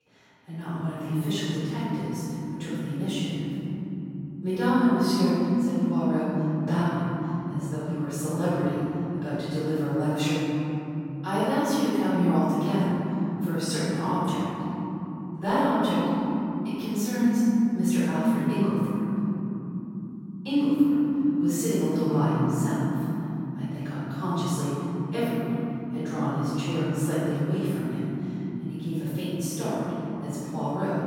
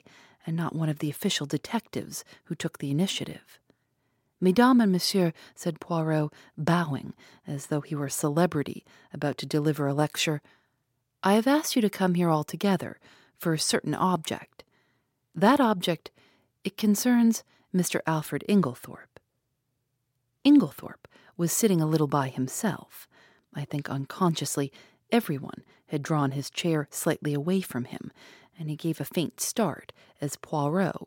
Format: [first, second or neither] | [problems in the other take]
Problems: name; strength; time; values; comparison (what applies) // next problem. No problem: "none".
second | off-mic speech; far // room echo; strong; dies away in 3 s